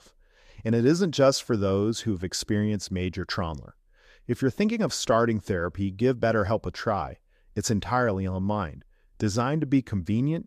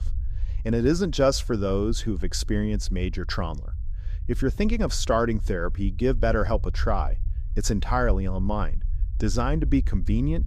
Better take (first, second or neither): first